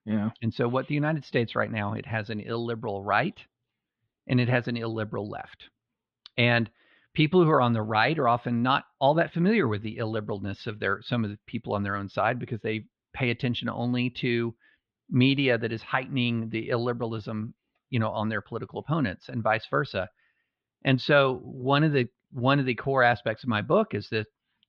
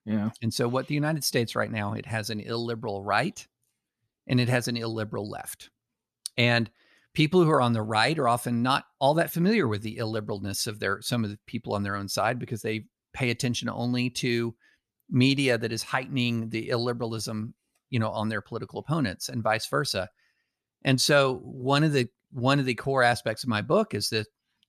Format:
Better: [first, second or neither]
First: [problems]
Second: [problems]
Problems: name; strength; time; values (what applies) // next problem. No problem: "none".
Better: second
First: muffled; slightly; fading above 3.5 kHz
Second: none